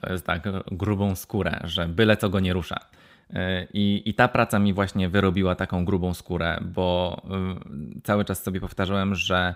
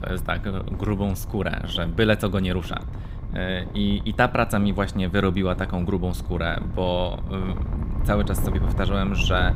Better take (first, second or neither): first